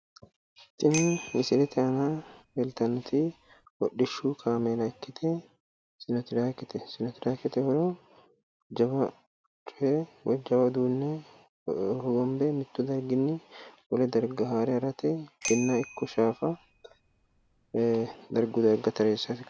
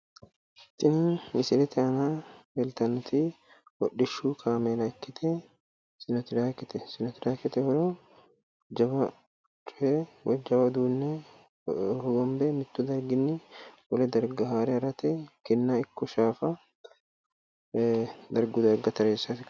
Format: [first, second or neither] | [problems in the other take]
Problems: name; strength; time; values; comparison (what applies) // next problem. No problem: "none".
second | background sound (Bicycle bell); 14 dB below the speech